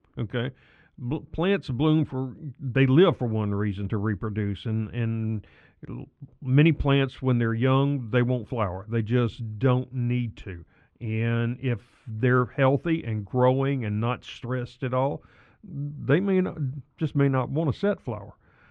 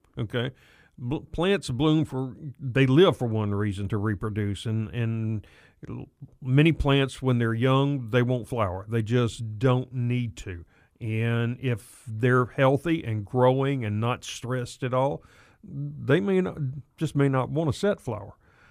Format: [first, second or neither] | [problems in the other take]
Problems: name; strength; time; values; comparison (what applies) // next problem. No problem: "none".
second | muffled; slightly; fading above 2.5 kHz